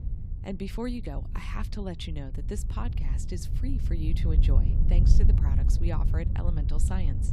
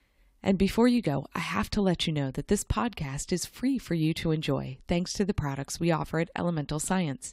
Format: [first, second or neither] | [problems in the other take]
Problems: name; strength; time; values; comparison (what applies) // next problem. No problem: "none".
second | wind noise on the microphone; heavy; 4 dB below the speech